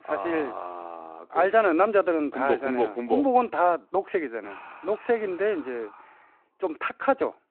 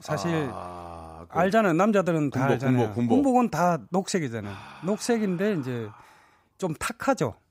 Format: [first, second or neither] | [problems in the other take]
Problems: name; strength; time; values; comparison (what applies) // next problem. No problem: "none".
second | phone-call audio